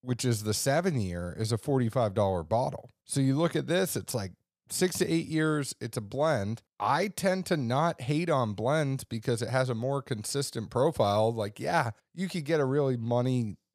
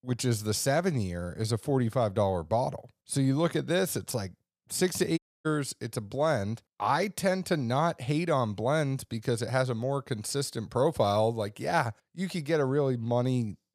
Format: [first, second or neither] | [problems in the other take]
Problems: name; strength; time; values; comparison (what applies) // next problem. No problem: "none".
first | audio cutting out; at 5 s